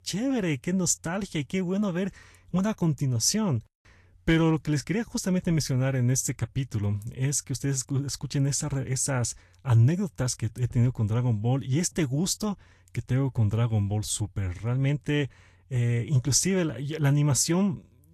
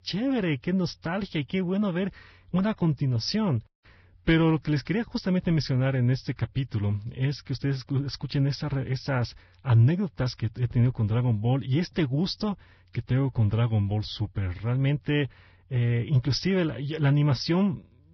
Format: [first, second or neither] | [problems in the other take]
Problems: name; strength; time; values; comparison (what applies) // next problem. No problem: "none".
first | garbled, watery; badly; nothing above 5.5 kHz; slightly in the first